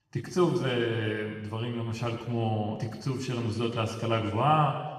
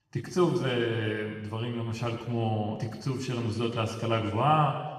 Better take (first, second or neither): neither